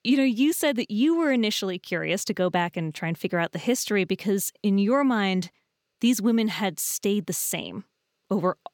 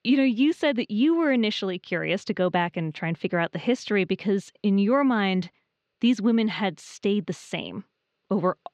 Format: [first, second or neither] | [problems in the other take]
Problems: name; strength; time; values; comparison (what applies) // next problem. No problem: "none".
first | muffled; slightly; fading above 4 kHz